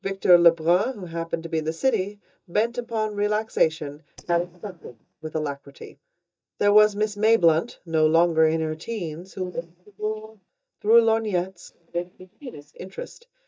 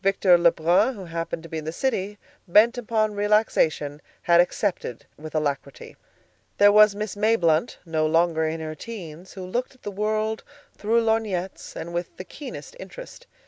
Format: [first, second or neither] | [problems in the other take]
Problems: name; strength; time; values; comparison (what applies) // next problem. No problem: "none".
second | noise reduction (neural mask model DeepFilterNet 3)